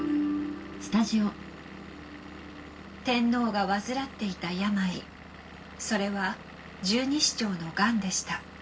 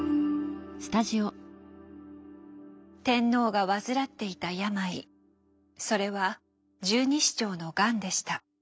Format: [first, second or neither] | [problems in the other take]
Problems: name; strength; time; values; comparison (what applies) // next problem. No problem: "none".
second | background sound (Engine / Vehicle); 15 dB below the speech // room echo; dies away in 0.2 s